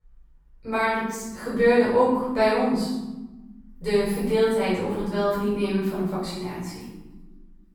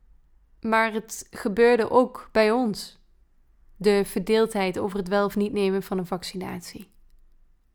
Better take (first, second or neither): second